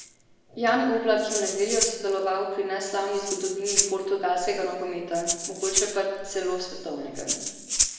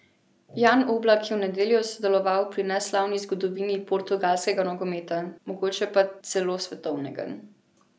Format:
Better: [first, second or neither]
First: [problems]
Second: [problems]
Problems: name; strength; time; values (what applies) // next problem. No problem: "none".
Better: second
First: background sound (Rattle (instrument)); 4 dB below the speech // room echo; dies away in 1.2 s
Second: none